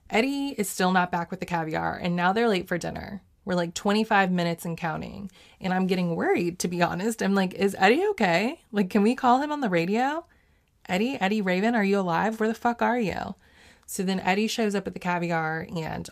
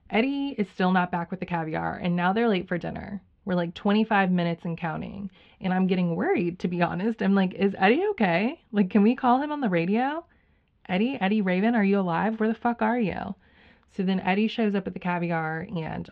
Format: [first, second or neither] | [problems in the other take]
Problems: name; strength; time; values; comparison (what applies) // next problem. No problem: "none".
first | muffled; slightly; fading above 3 kHz